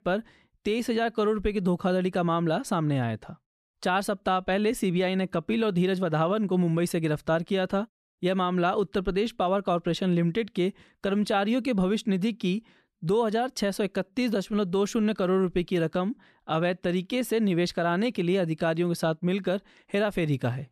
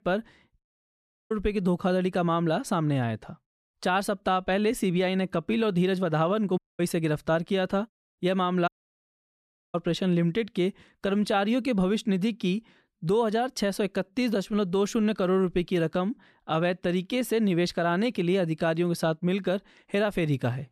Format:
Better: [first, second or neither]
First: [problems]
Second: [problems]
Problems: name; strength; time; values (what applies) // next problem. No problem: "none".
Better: first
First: none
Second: audio cutting out; at 0.5 s for 0.5 s, at 6.5 s and at 8.5 s for 1 s